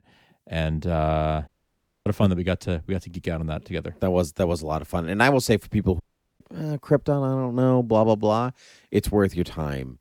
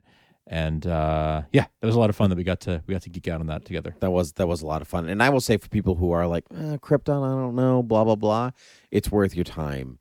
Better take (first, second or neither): second